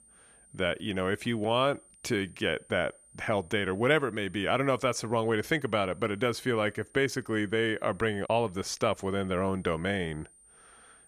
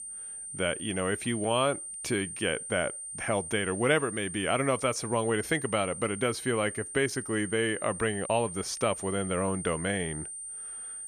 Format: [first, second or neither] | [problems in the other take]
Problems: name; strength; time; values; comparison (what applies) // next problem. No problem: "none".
first | high-pitched whine; loud; throughout; 9 kHz, 8 dB below the speech; faint in the first